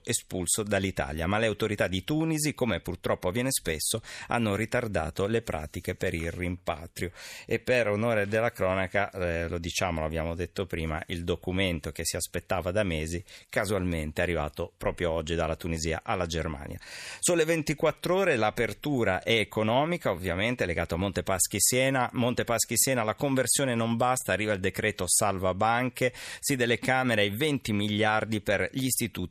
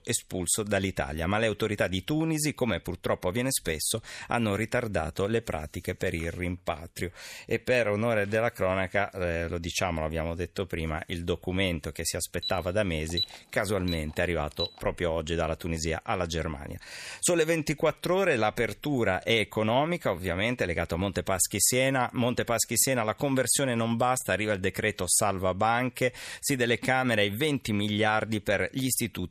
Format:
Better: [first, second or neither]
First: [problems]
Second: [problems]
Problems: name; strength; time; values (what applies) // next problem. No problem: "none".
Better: first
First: none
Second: alarm; noticeable; from 12 to 15 s; peak 3 dB below the speech